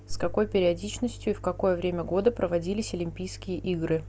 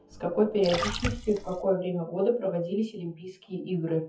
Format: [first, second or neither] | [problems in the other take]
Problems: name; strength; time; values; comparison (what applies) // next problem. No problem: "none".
first | noise reduction (classical method WPE with log-MMSE)